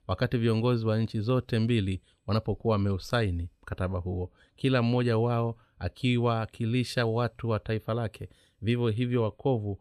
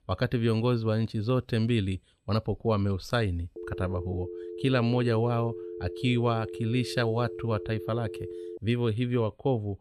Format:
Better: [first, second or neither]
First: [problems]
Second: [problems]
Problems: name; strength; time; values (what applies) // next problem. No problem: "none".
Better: first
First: none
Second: phone ringing; faint; from 3.5 to 8.5 s; peak 10 dB below the speech